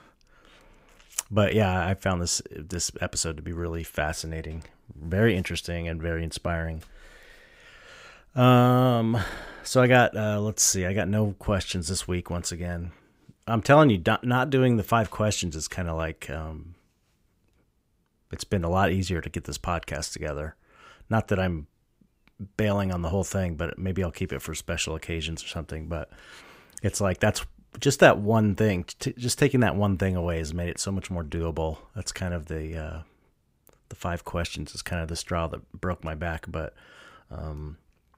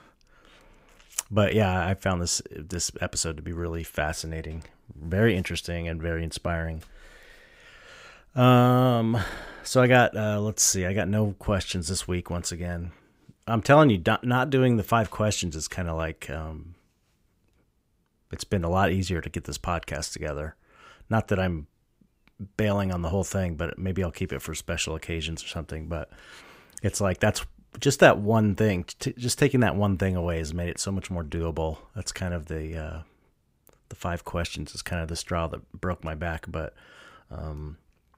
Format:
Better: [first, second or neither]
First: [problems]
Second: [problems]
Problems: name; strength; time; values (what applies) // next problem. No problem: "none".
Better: neither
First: none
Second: none